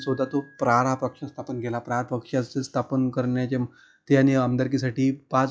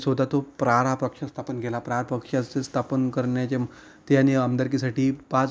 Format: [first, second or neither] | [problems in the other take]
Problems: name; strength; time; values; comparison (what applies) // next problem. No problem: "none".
second | noise reduction (classical method log-MMSE)